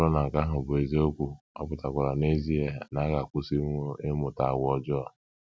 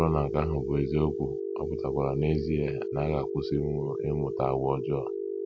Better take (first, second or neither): first